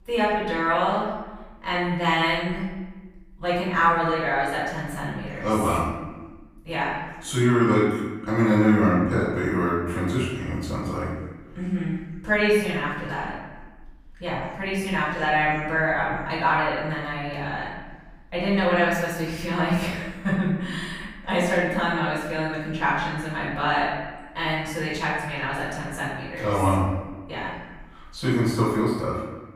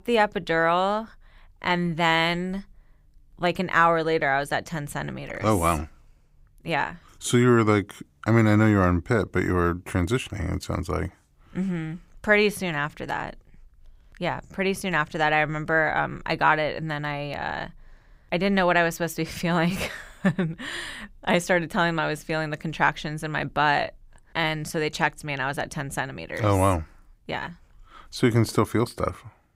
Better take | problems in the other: second | off-mic speech; far // room echo; noticeable; dies away in 1.1 s

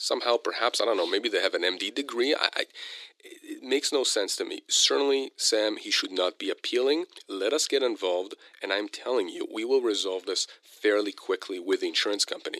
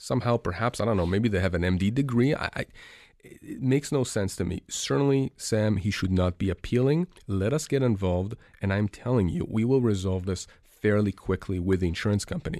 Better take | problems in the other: second | thin; very; fading below 300 Hz

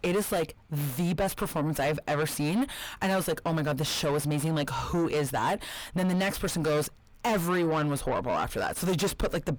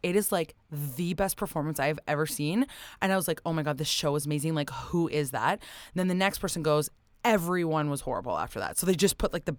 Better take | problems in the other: second | distortion; heavy; 5 dB below the speech

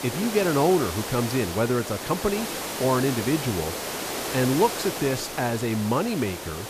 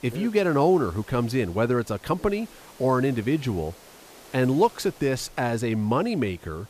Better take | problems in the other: second | hiss; loud; throughout; 6 dB below the speech; faint in the second

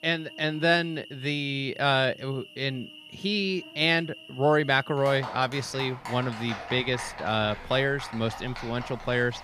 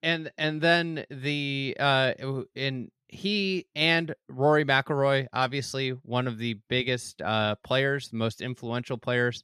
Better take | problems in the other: second | animal sounds; noticeable; throughout; 15 dB below the speech

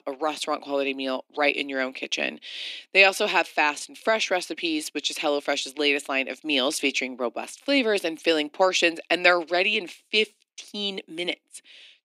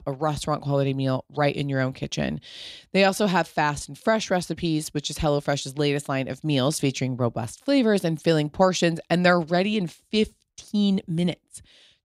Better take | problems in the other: second | thin; somewhat; fading below 250 Hz

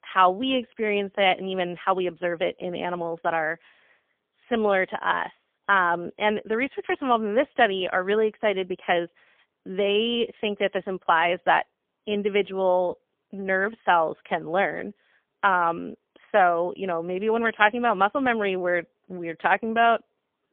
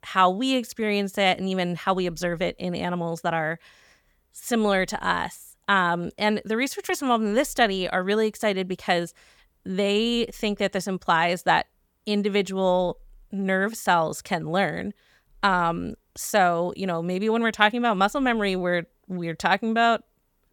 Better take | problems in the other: second | phone-call audio; poor line; nothing above 3.5 kHz

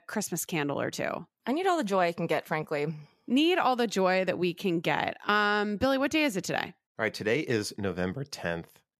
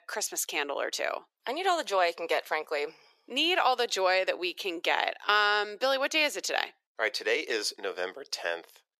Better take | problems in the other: first | thin; very; fading below 400 Hz

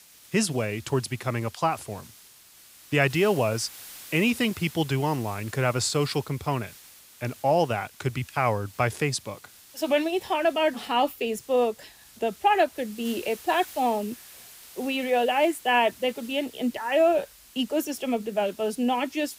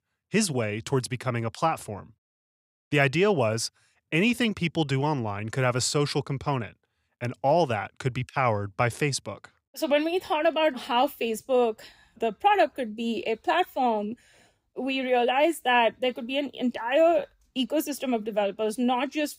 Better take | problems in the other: second | hiss; noticeable; throughout; 20 dB below the speech

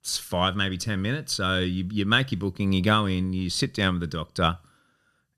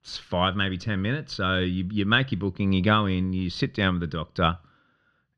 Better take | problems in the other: first | muffled; slightly; fading above 3.5 kHz

